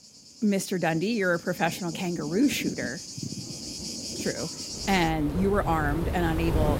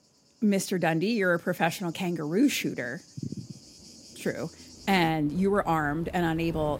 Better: second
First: rain or running water; loud; throughout; 7 dB below the speech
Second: rain or running water; faint; throughout; 20 dB below the speech

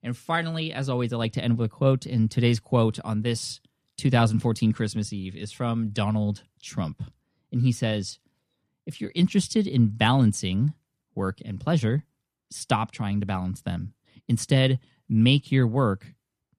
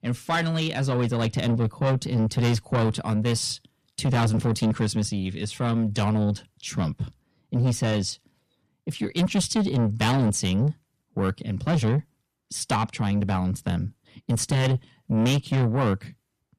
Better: first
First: none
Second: distortion; heavy; 7 dB below the speech

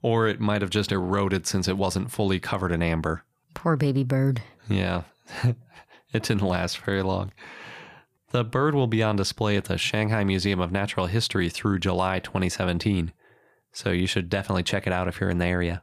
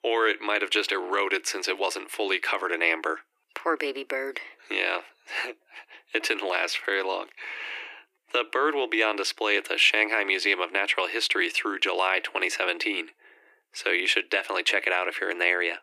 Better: first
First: none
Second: thin; very; fading below 300 Hz

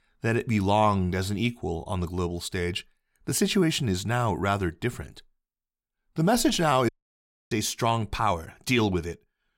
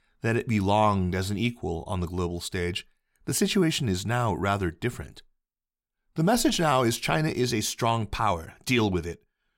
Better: second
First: audio cutting out; at 7 s for 0.5 s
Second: none

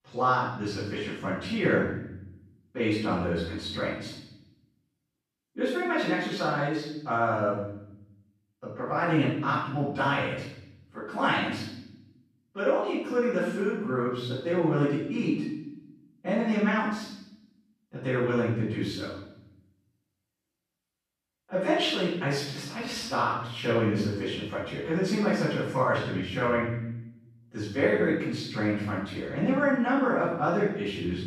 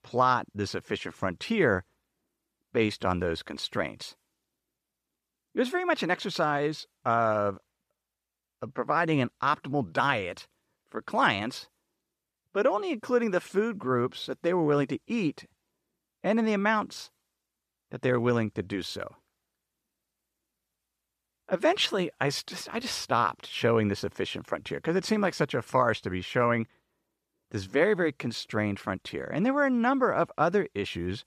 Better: second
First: off-mic speech; far // room echo; strong; dies away in 0.9 s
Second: none

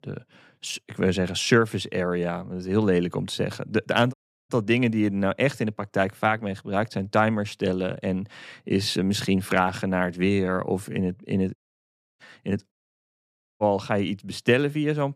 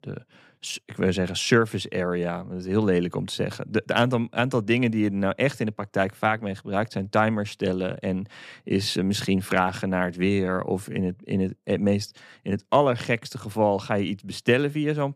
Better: second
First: audio cutting out; at 4 s, at 12 s for 0.5 s and at 13 s for 1 s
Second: none

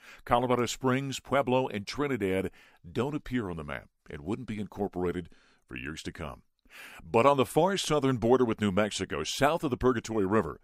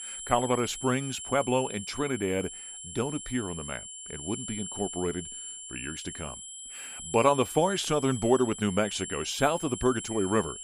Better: first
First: none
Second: high-pitched whine; loud; throughout; 7.5 kHz, 9 dB below the speech

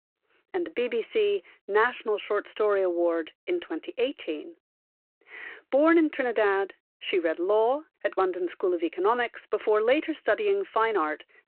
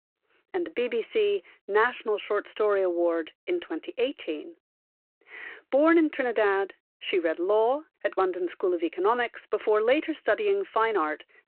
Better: neither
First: phone-call audio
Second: phone-call audio

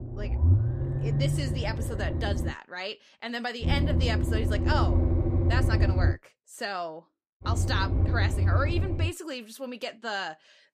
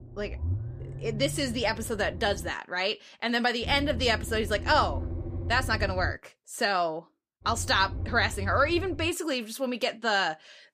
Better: second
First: low rumble; loud; until 2.5 s, from 3.5 to 6 s and from 7.5 to 9 s; 5 dB below the speech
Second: low rumble; faint; until 2.5 s, from 3.5 to 6 s and from 7.5 to 9 s; 20 dB below the speech

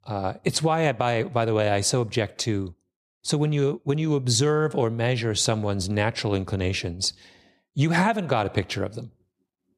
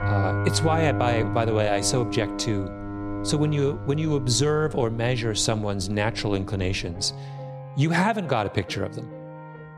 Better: first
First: none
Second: background music; loud; throughout; 8 dB below the speech

